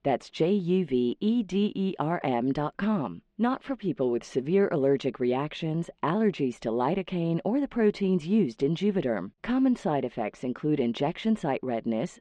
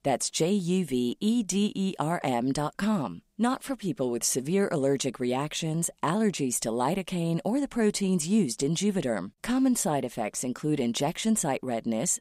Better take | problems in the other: second | muffled; very; fading above 3 kHz

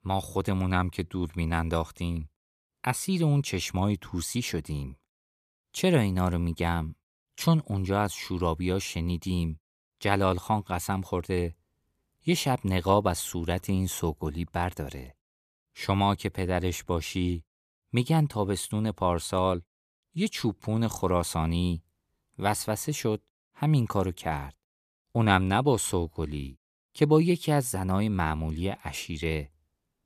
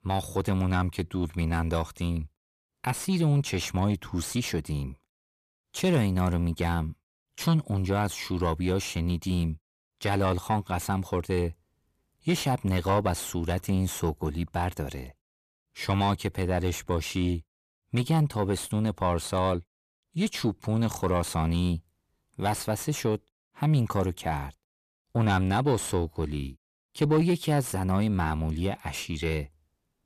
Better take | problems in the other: first | distortion; slight; 10 dB below the speech

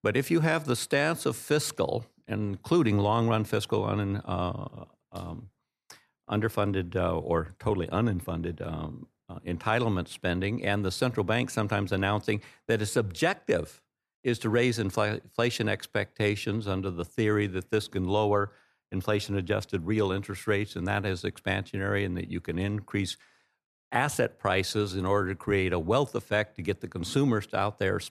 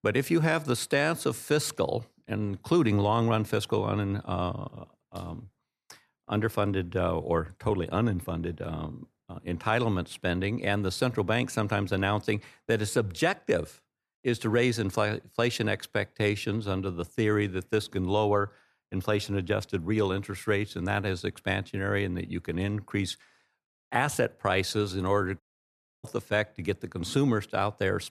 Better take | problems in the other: first | audio cutting out; at 25 s for 0.5 s

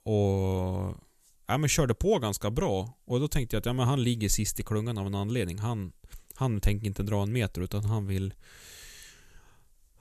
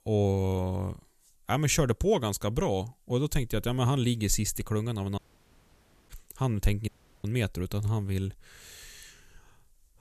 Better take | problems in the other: first | audio cutting out; at 5 s for 1 s and at 7 s

